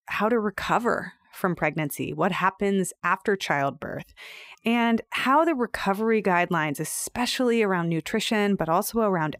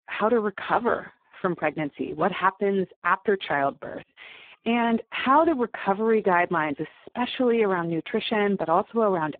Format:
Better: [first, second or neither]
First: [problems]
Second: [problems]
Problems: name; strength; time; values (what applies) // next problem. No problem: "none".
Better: first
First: none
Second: phone-call audio; poor line; nothing above 3.5 kHz